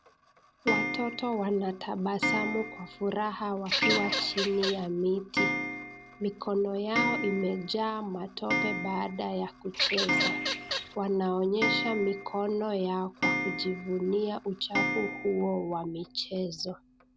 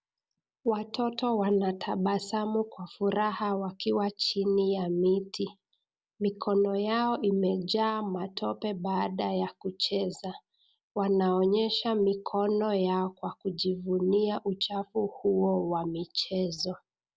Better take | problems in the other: second | background sound (Clock + Bird vocalization, bird call, bird song / Fowl); 2 dB below the speech

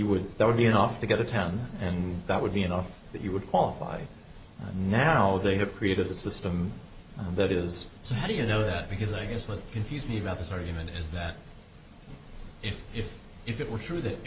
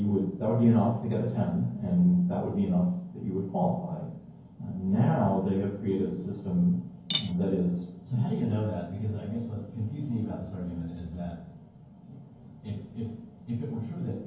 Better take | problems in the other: first | background sound (Cutlery, silverware / Dishes, pots, and pans); 10 dB below the speech // room echo; dies away in 0.9 s

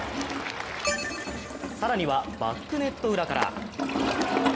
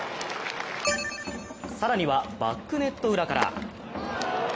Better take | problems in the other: second | background sound (Toilet flush); 4 dB below the speech

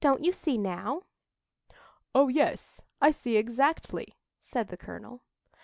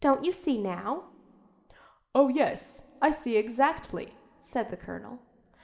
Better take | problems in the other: first | room echo; dies away in 3 s

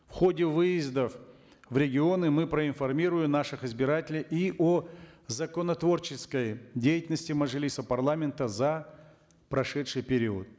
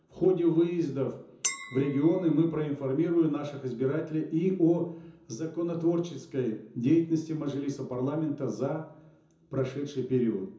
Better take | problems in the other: first | background sound (Chink, clink); 12 dB below the speech // room echo; dies away in 0.6 s

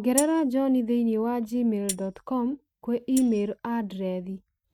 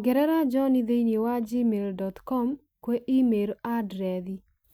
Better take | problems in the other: second | noise reduction (neural mask model RNNoise)

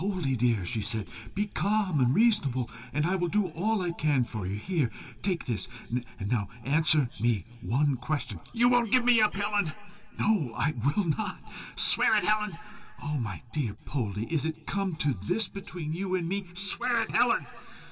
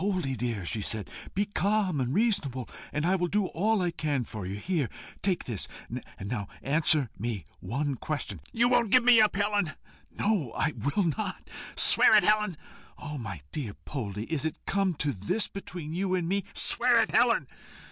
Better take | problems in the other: second | room echo; dies away in 2.7 s

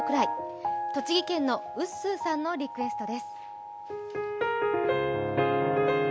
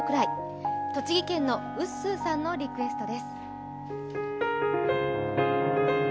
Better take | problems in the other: first | background sound (Wind instrument, woodwind instrument + Bowed string instrument); 13 dB below the speech

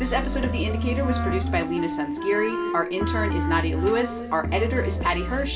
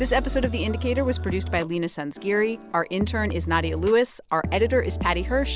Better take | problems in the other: second | background sound (Wind instrument, woodwind instrument); 7 dB below the speech // room echo; dies away in 2.6 s

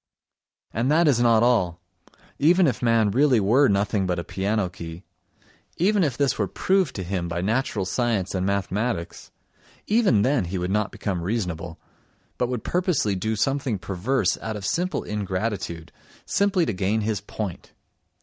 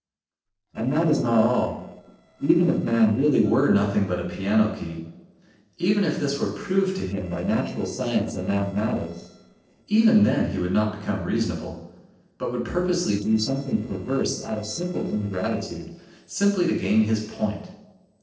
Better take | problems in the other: first | noise reduction (neural separator model SepFormer DNS4)

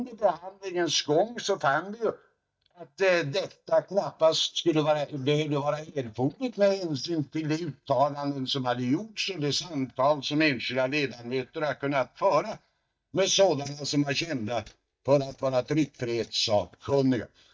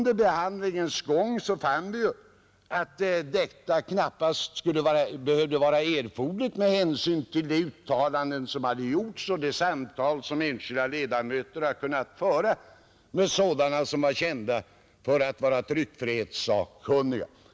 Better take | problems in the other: second | noise reduction (neural mask model DeepFilterNet 3)

